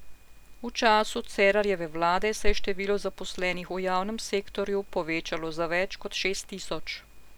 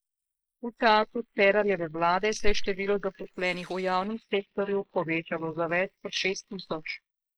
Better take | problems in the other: first | noise reduction (neural mask model Resemble Enhance denoiser)

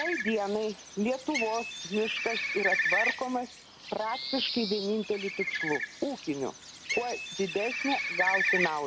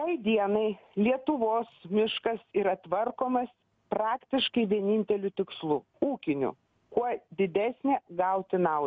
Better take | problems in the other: second | background sound (Bird); 1 dB below the speech

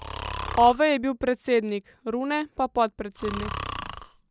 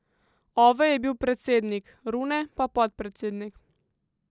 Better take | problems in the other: second | background sound (Breathing); 11 dB below the speech

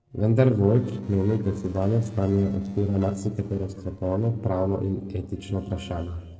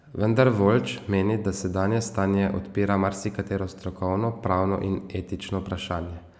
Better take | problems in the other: second | noise reduction (neural separator model SepFormer DNS4)

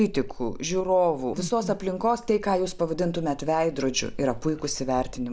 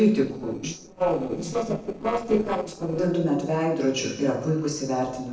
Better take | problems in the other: first | noise reduction (neural separator model SepFormer DNS4)

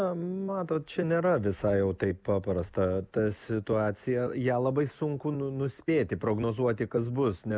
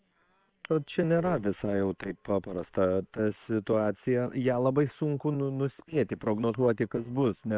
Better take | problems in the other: first | noise reduction (neural separator model SepFormer WHAM!)

